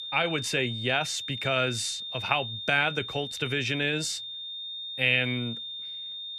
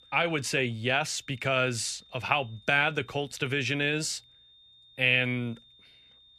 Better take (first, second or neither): second